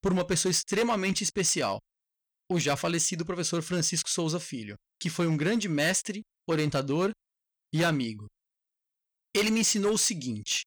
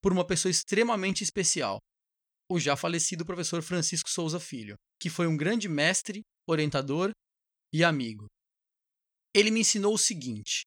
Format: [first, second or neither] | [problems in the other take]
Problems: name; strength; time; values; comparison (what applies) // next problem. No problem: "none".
second | distortion; slight; 7% of the sound clipped